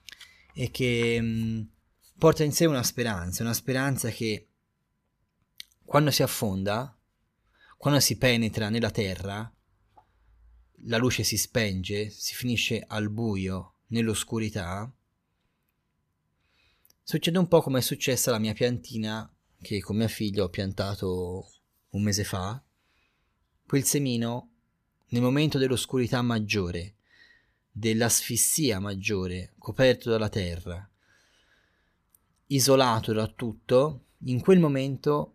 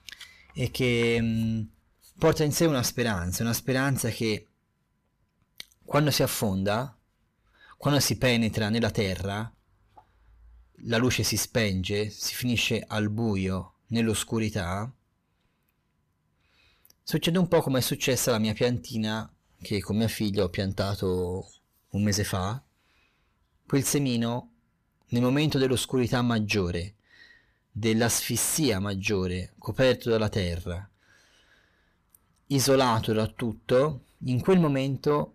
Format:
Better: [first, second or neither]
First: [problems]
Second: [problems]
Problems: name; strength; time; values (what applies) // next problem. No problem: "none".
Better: first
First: none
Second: distortion; slight; 10 dB below the speech